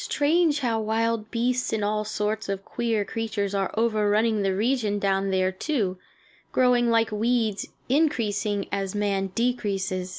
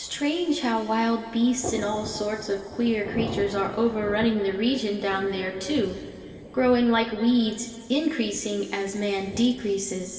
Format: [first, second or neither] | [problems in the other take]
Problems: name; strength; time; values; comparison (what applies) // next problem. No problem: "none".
first | background sound (Thunder); 14 dB below the speech // room echo; dies away in 2.7 s